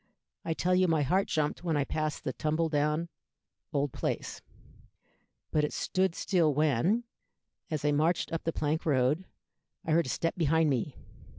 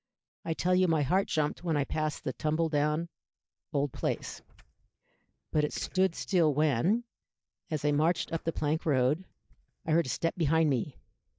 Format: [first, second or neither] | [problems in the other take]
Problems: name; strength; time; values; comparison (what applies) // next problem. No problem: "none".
first | noise reduction (neural mask model DeepFilterNet 3)